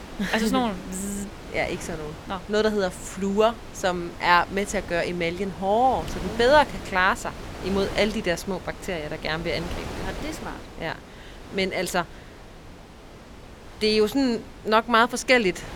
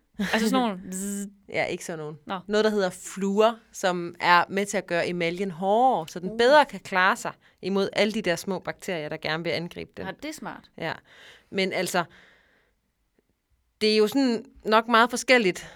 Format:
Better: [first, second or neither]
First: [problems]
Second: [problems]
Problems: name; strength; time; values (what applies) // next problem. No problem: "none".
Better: second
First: wind noise on the microphone; occasional gusts; 15 dB below the speech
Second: none